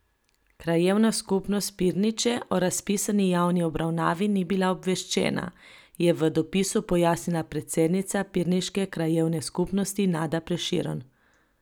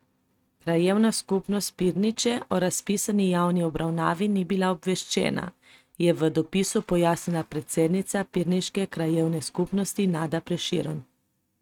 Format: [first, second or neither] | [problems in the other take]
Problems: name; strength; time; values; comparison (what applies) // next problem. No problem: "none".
first | noise reduction (neural mask model RNNoise)